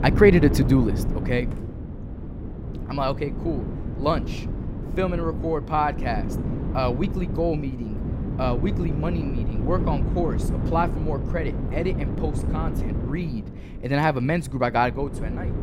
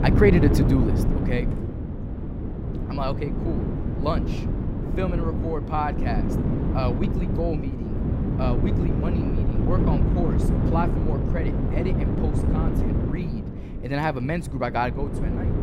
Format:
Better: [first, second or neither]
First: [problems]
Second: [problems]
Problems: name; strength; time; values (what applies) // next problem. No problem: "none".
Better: first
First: wind noise on the microphone; occasional gusts; 10 dB below the speech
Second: wind noise on the microphone; heavy; 3 dB below the speech